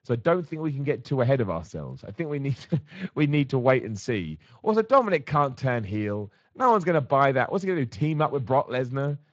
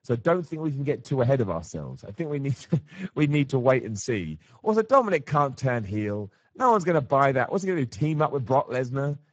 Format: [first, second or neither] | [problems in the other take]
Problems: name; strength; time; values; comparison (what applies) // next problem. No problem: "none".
first | garbled, watery; badly; nothing above 7.5 kHz; slightly in the first